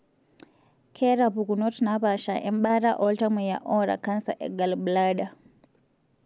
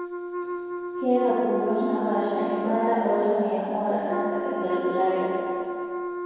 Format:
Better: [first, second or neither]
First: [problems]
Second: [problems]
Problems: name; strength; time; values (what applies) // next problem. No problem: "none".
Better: first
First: none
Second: background sound (Wind instrument, woodwind instrument); 6 dB below the speech // room echo; dies away in 2.2 s